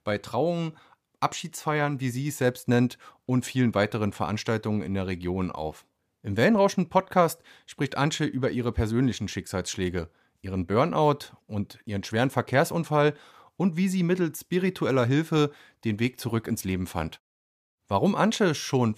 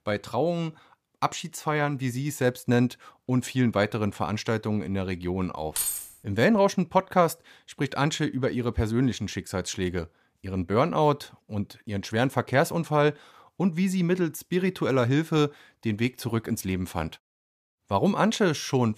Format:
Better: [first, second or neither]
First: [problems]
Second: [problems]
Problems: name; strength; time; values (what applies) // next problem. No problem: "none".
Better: first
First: none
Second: jangling keys; noticeable; at 6 s; peak 1 dB below the speech